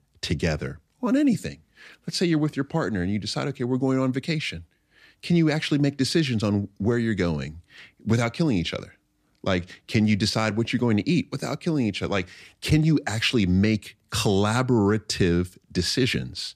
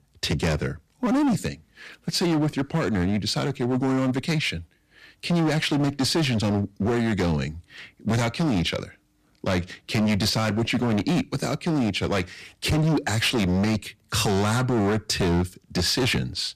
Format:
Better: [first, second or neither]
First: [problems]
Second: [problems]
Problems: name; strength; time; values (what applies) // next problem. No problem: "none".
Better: first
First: none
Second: distortion; heavy; 18% of the sound clipped